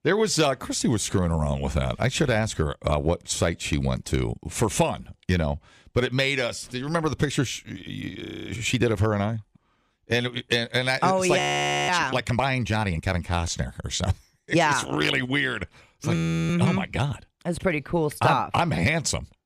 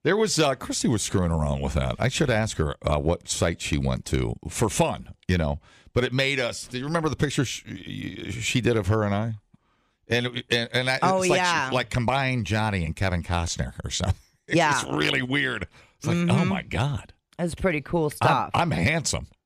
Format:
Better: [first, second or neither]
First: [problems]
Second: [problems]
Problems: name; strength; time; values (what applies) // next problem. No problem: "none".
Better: second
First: audio freezing; at 8 s, at 11 s and at 16 s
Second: none